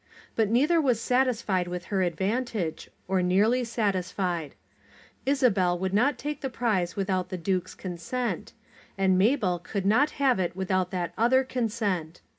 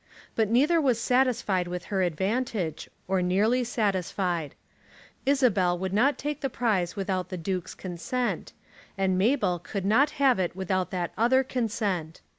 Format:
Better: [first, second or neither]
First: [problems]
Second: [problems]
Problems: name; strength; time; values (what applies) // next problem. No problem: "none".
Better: second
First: room echo; dies away in 0.3 s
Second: none